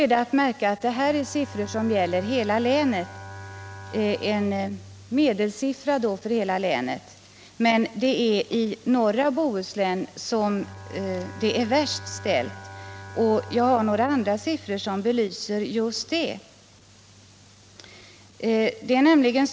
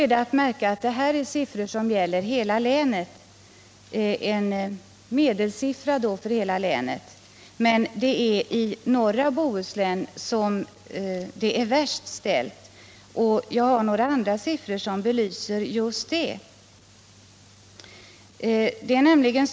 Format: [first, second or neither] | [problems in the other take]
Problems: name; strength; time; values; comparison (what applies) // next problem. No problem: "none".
second | background sound (Bowed string instrument); 19 dB below the speech